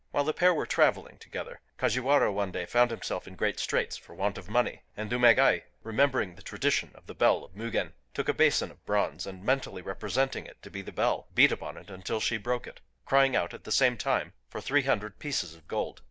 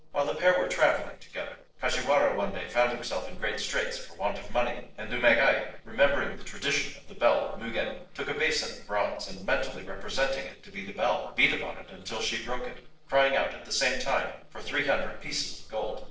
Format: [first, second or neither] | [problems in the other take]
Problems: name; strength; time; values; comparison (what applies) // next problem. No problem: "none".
first | noise reduction (neural separator model SepFormer DNS4)